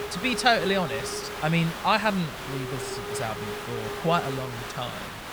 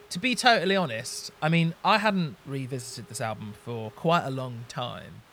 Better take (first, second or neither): second